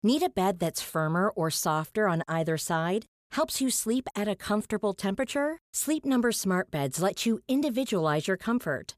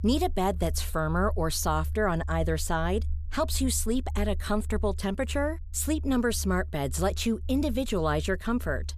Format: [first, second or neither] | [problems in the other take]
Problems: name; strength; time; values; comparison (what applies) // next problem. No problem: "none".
first | low rumble; faint; throughout; 25 dB below the speech